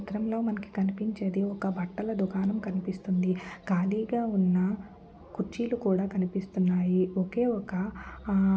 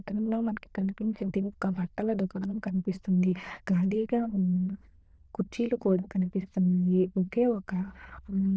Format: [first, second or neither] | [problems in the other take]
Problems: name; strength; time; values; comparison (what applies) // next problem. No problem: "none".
first | noise reduction (neural diffusion model UNIVERSE++)